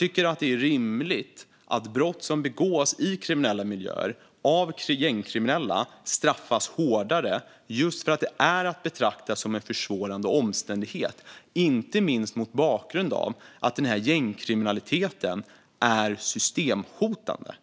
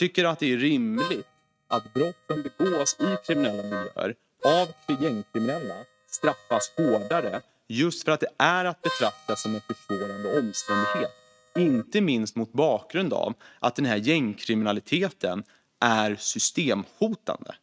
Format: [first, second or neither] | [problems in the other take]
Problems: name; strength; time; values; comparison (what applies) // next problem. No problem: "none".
first | noise reduction (neural mask model RNNoise)